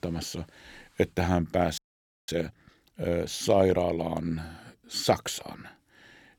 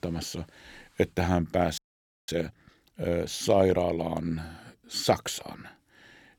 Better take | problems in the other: neither | audio freezing; at 2 s; the same in both

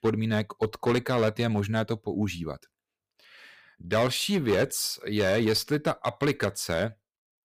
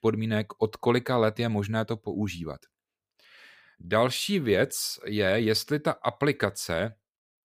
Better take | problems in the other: second | distortion; slight; 6% of the sound clipped

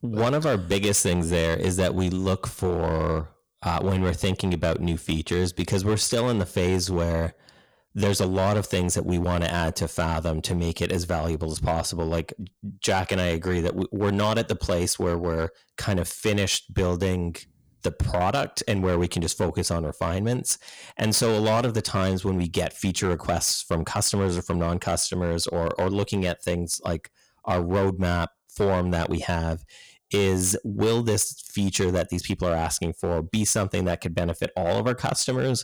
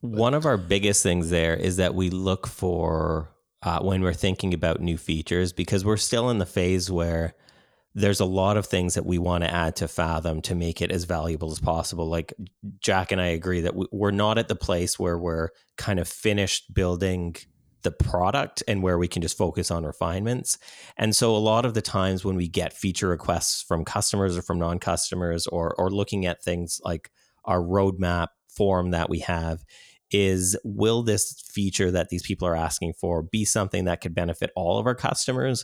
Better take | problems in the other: second | distortion; slight; 7% of the sound clipped

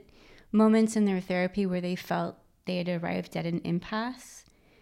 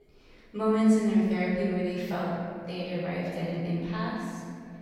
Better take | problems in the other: first | off-mic speech; far // room echo; strong; dies away in 2 s

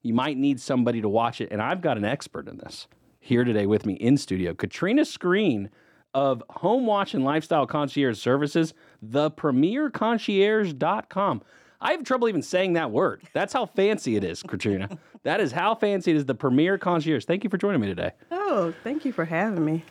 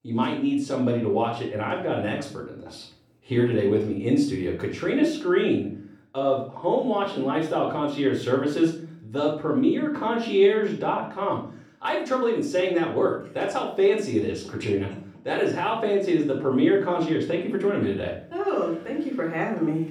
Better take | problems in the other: first | off-mic speech; far // room echo; noticeable; dies away in 0.4 s

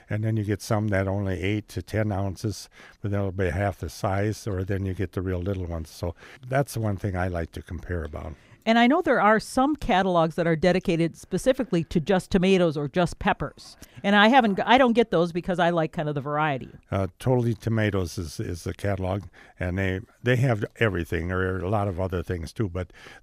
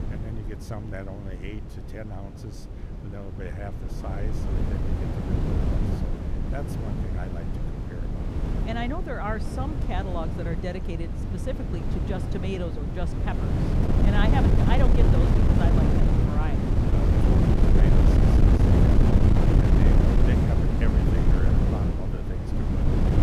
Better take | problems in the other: first | wind noise on the microphone; heavy; 4 dB above the speech

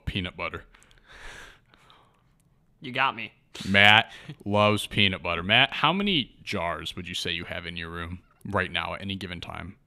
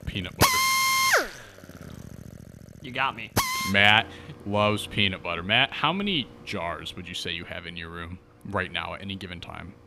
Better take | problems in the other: first | machinery noise; very loud; throughout; 3 dB above the speech

